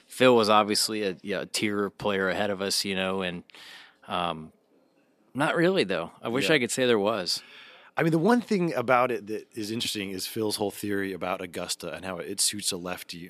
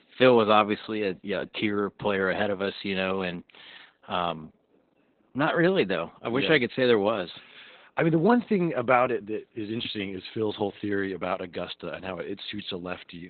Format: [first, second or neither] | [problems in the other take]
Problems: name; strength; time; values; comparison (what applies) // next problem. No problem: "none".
first | garbled, watery; badly; nothing above 4 kHz